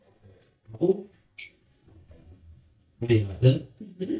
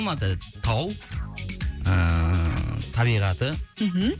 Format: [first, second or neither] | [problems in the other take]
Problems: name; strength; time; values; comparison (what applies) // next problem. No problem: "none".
second | noise reduction (neural mask model DeepFilterNet 3)